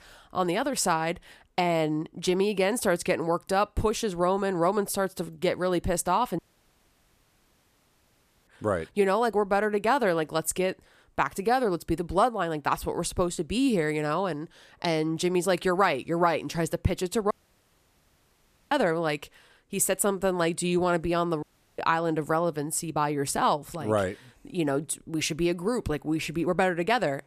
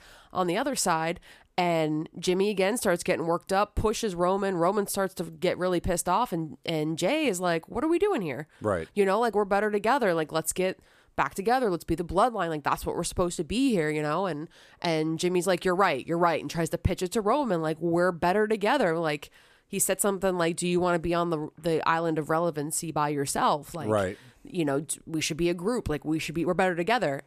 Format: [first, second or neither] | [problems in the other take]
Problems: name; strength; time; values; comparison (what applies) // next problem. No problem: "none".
second | audio cutting out; at 6.5 s for 2 s, at 17 s for 1.5 s and at 21 s